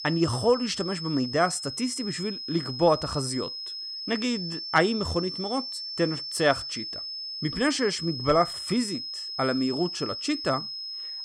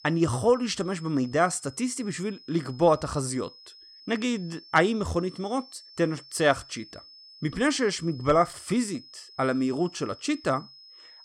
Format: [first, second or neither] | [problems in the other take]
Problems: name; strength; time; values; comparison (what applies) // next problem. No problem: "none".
second | high-pitched whine; loud; throughout; 5 kHz, 6 dB below the speech; faint in the second